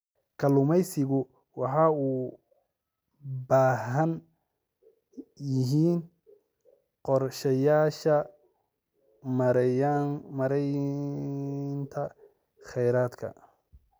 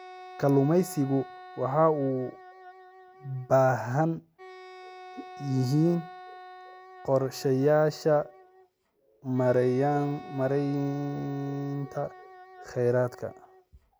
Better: first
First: none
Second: background sound (Wind instrument, woodwind instrument); 19 dB below the speech

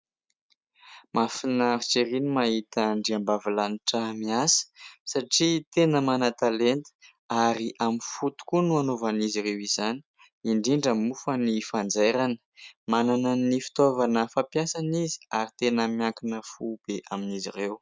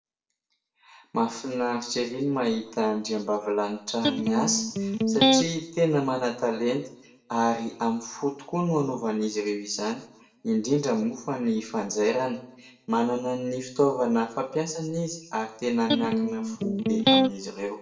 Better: first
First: none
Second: background sound (Electric guitar); 3 dB above the speech // room echo; dies away in 0.6 s

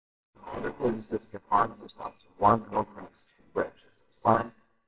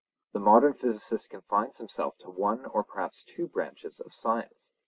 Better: second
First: noise reduction (neural separator model SepFormer WHAMR!)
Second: none

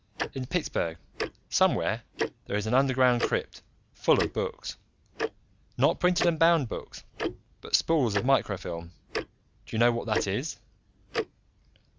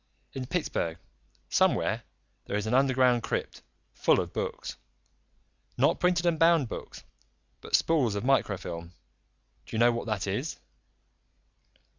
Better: second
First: background sound (Tick-tock); 9 dB below the speech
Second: none

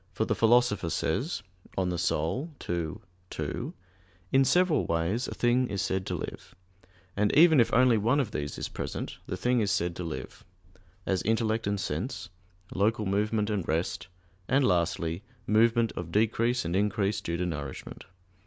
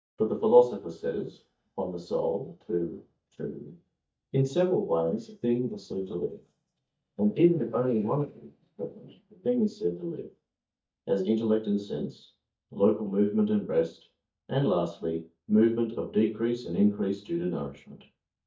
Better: first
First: none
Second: noise reduction (neural mask model DeepFilterNet 3)

